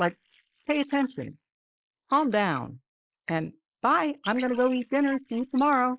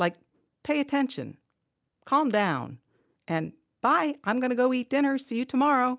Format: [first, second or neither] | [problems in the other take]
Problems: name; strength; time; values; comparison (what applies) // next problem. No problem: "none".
second | noise reduction (neural mask model Resemble Enhance denoiser)